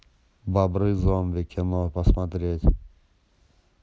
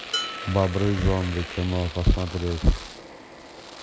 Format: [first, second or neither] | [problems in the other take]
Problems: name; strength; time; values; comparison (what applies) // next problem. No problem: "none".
first | background sound (Domestic sounds, home sounds + Dishes, pots, and pans); 11 dB below the speech